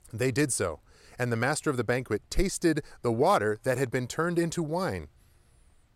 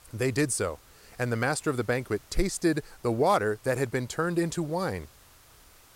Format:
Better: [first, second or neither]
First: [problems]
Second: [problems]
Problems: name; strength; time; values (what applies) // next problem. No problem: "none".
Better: first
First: none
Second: hiss; faint; throughout; 25 dB below the speech